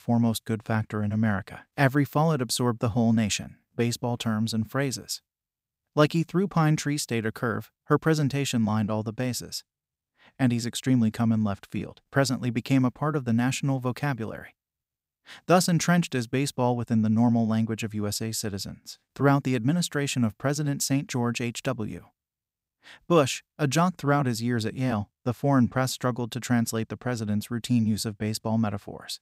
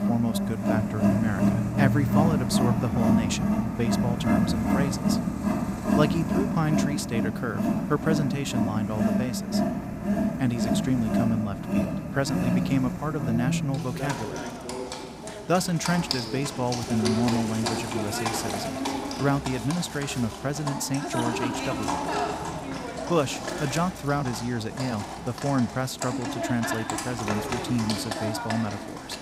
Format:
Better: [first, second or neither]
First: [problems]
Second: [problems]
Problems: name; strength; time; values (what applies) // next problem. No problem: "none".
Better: first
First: none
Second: animal sounds; very loud; throughout; 1 dB above the speech